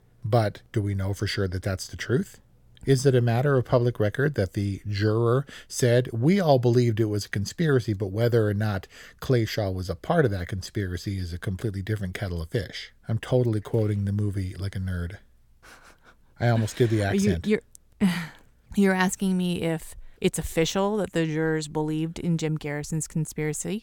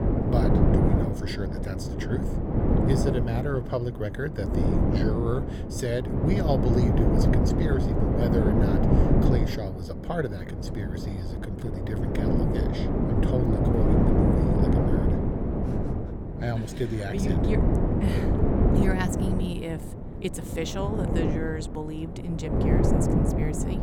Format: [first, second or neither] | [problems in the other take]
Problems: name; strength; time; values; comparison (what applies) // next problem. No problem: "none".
first | wind noise on the microphone; heavy; 3 dB above the speech